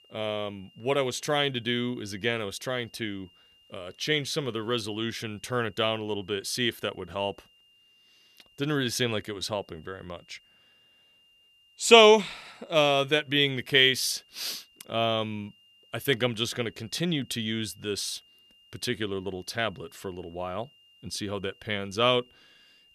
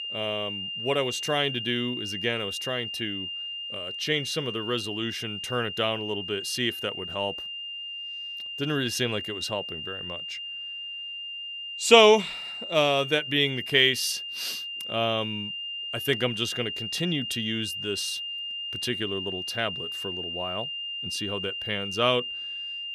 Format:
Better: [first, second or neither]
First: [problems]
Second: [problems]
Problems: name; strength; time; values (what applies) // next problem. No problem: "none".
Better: first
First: high-pitched whine; faint; throughout; 3 kHz, 30 dB below the speech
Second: high-pitched whine; loud; throughout; 3 kHz, 6 dB below the speech